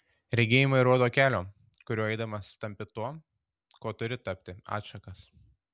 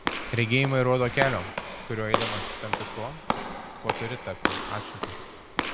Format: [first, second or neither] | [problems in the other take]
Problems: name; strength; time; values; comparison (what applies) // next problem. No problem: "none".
first | background sound (Walk, footsteps / Slam); 3 dB below the speech